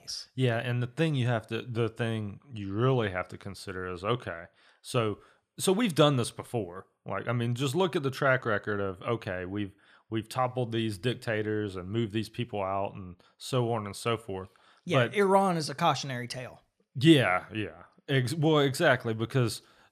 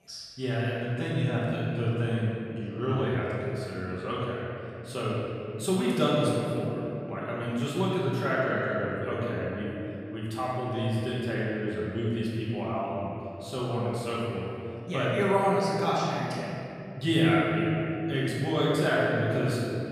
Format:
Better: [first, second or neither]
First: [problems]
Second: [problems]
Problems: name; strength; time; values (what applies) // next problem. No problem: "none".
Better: first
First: none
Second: room echo; strong; dies away in 2.9 s // off-mic speech; far